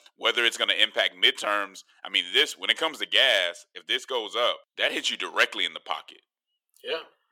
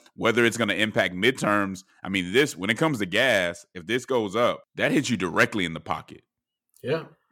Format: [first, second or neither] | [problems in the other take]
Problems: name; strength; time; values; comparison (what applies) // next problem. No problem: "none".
second | thin; very; fading below 450 Hz